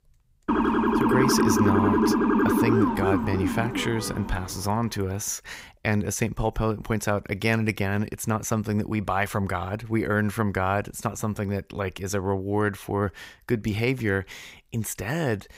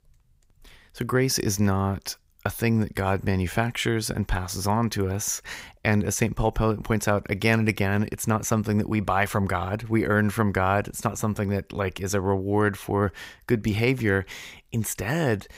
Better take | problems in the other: second | siren; loud; until 4.5 s; peak 6 dB above the speech

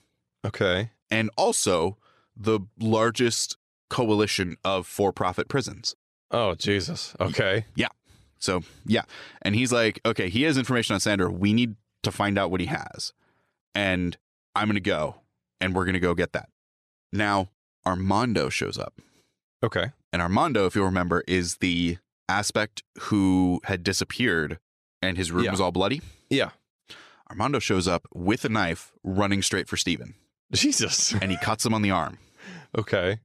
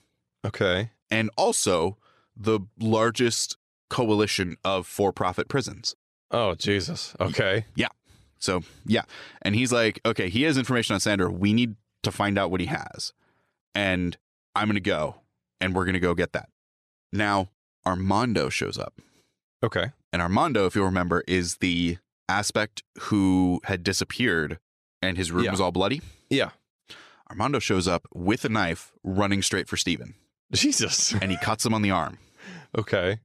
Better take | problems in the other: neither | none

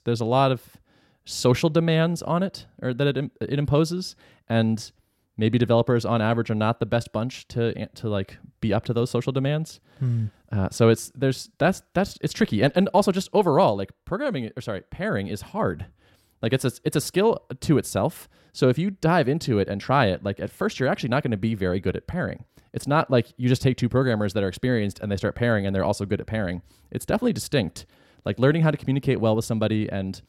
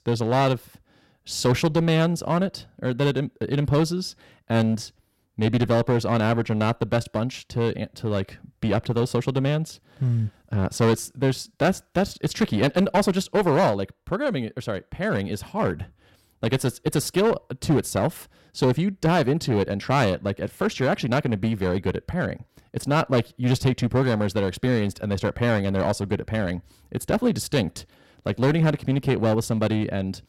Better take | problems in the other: first | distortion; slight; 6% of the sound clipped

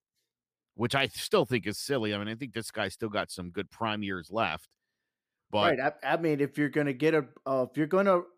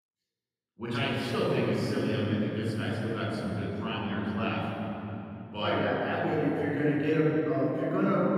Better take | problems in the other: first | room echo; strong; dies away in 3 s // off-mic speech; far

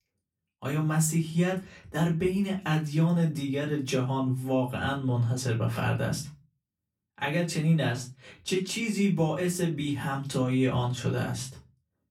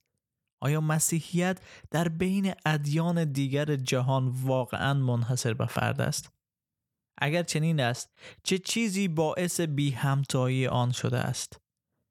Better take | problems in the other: second | off-mic speech; far // room echo; very slight; dies away in 0.2 s

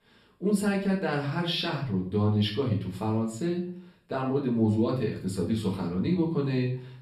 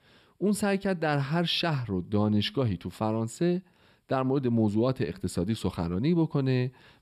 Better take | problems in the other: second | room echo; slight; dies away in 0.4 s // off-mic speech; far

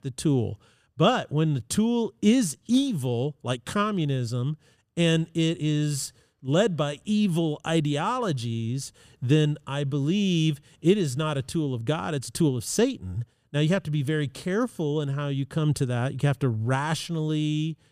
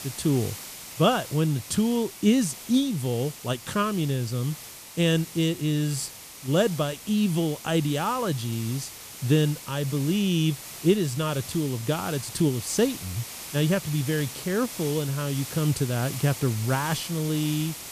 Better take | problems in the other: first | hiss; noticeable; throughout; 10 dB below the speech

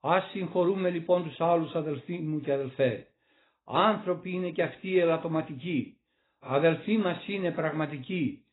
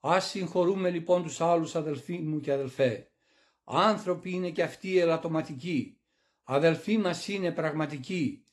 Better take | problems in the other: second | garbled, watery; badly; nothing above 4 kHz; slightly in the second

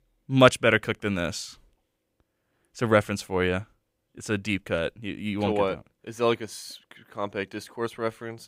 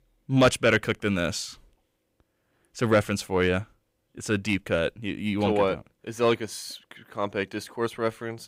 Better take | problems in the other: first | distortion; slight; 10 dB below the speech

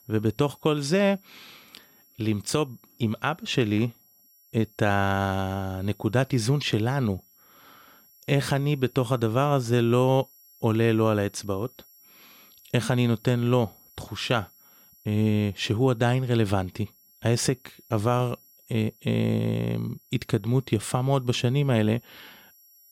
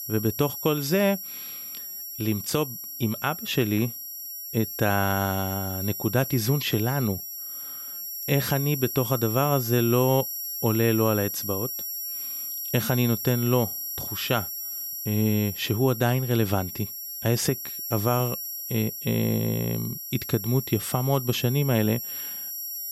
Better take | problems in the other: first | high-pitched whine; loud; throughout; 11.5 kHz, 5 dB below the speech; faint in the first

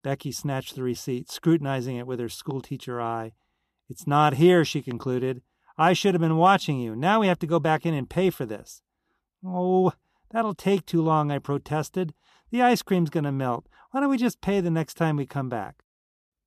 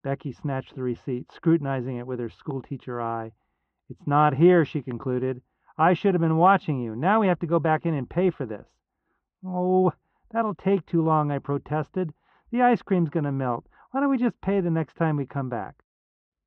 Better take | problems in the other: first | muffled; very; fading above 2 kHz

